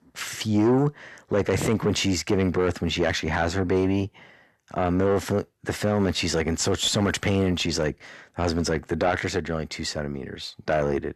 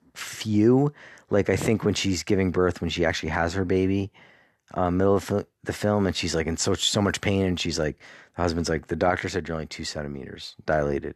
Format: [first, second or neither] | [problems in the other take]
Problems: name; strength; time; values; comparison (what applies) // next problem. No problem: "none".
second | distortion; slight; 10 dB below the speech